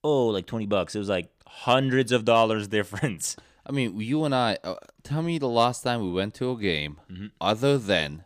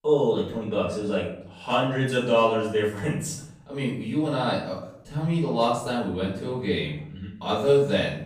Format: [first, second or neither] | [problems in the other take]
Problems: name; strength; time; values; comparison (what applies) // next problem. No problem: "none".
first | off-mic speech; far // room echo; noticeable; dies away in 0.6 s